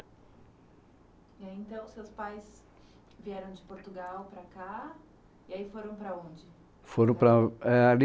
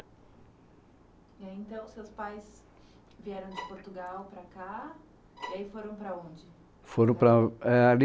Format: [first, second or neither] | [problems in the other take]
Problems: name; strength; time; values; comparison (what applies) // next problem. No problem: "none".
first | background sound (Bowed string instrument); 15 dB below the speech